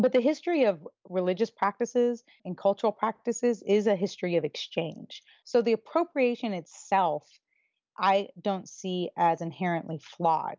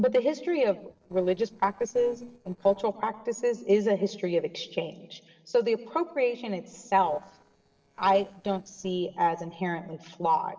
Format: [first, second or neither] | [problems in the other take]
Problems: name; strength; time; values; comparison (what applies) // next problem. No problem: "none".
first | noise reduction (neural separator model SepFormer DNS4)